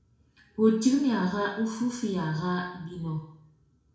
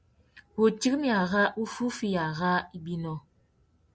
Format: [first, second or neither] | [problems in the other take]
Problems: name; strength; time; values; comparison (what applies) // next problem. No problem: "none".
second | background sound (Brass instrument); 20 dB below the speech // room echo; dies away in 0.6 s